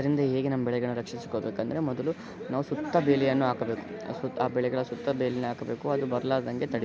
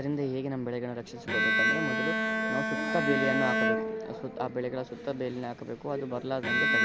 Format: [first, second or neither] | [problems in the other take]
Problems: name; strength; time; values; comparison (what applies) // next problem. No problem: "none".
first | background sound (Bowed string instrument); 2 dB above the speech